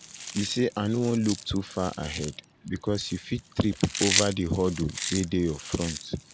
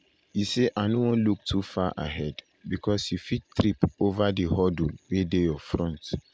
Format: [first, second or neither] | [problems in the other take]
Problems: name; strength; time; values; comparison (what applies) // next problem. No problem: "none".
second | background sound (Chewing, mastication); 7 dB below the speech